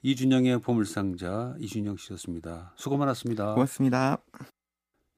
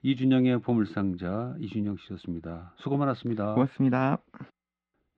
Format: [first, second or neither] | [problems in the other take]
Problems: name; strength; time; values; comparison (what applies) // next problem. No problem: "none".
first | muffled; slightly; fading above 3.5 kHz